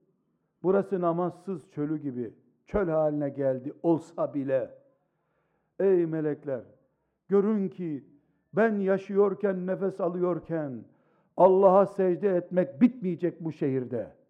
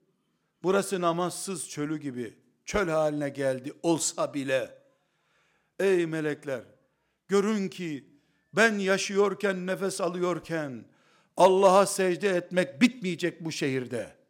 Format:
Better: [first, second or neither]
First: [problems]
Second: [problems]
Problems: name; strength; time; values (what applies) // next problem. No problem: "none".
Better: second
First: muffled; very; fading above 2 kHz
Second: none